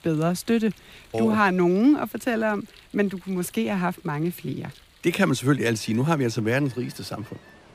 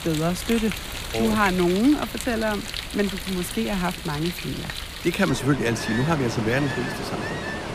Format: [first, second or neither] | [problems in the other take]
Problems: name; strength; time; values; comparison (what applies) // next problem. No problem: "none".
first | rain or running water; loud; throughout; 6 dB below the speech; faint in the first